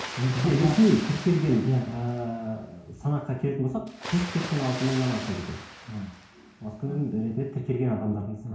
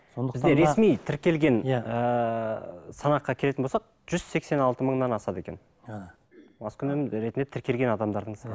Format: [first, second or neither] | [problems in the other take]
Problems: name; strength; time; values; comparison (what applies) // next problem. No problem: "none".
second | background sound (Water); 14 dB below the speech // room echo; dies away in 0.6 s